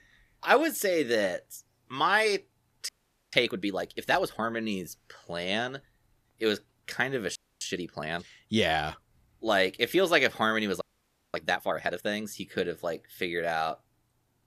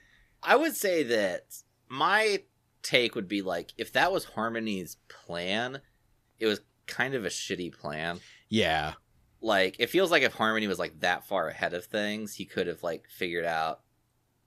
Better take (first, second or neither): second